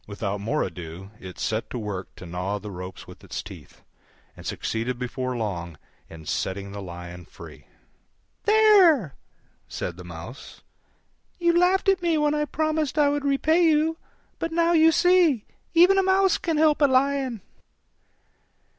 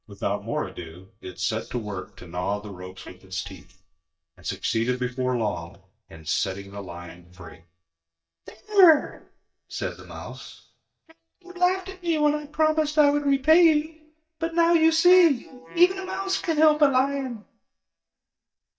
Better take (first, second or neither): first